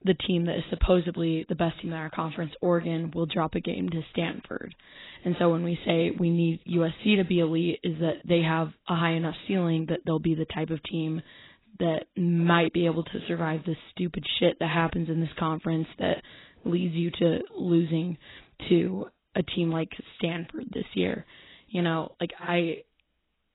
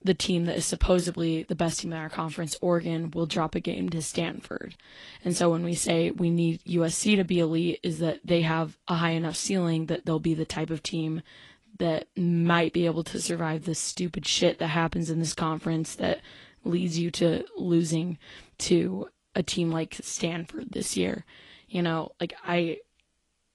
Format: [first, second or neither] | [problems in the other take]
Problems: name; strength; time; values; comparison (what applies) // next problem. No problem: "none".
second | garbled, watery; badly; nothing above 4 kHz; slightly in the second